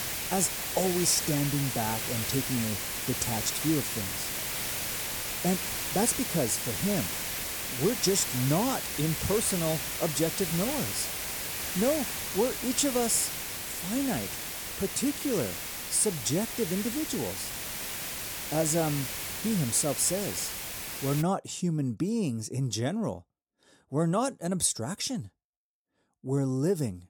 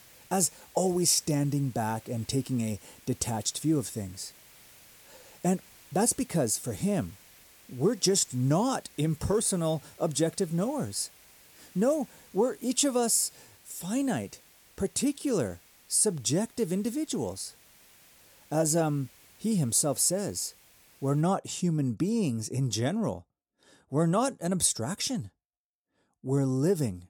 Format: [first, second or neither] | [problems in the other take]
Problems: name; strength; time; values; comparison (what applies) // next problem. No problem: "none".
second | hiss; loud; until 21 s; 2 dB below the speech; faint in the second